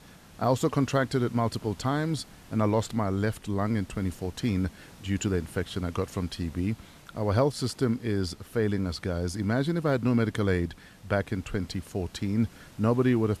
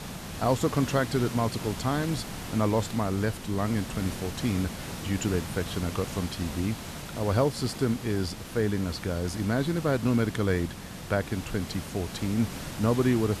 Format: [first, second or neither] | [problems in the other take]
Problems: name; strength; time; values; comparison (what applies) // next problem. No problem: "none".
first | hiss; loud; throughout; 9 dB below the speech; faint in the first